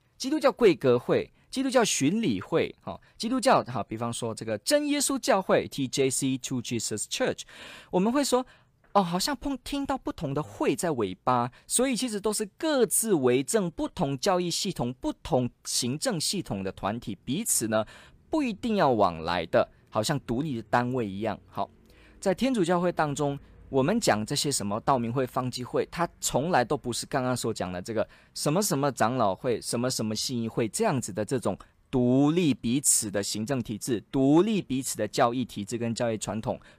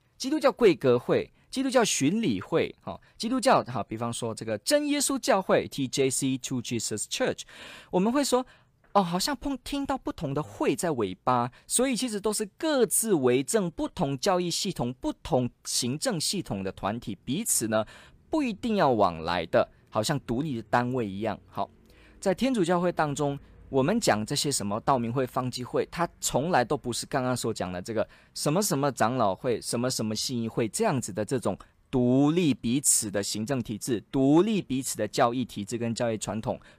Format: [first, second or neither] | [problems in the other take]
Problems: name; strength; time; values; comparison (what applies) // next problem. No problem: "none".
neither | none